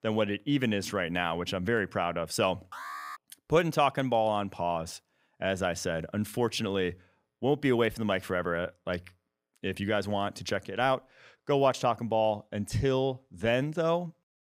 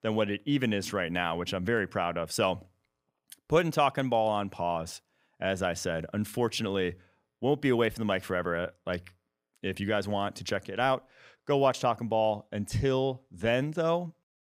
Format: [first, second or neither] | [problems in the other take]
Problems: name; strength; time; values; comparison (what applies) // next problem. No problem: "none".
second | alarm; noticeable; at 2.5 s; peak 10 dB below the speech